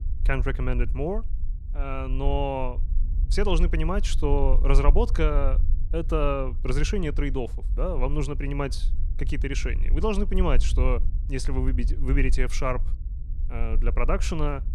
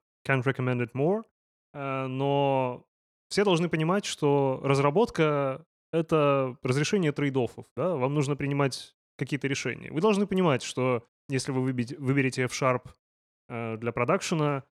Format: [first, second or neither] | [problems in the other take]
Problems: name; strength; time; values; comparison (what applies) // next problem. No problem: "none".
second | low rumble; noticeable; throughout; 20 dB below the speech